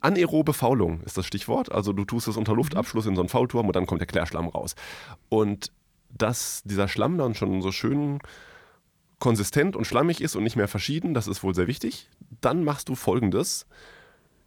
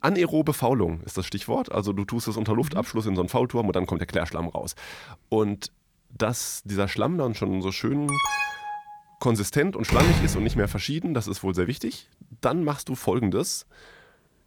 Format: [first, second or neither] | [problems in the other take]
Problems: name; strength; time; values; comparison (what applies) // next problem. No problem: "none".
first | alarm; loud; at 8 s; peak 2 dB above the speech // door banging; loud; at 10 s; peak 5 dB above the speech